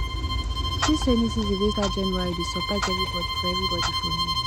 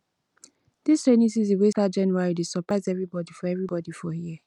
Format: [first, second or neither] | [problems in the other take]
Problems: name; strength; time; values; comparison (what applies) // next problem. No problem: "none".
second | background sound (Bowed string instrument + Clock); 2 dB above the speech